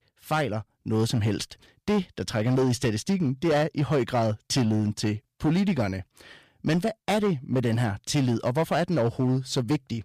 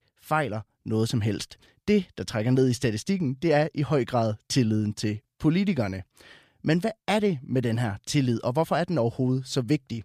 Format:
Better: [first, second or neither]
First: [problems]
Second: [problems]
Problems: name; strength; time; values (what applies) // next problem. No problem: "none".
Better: second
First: distortion; slight; 9% of the sound clipped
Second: none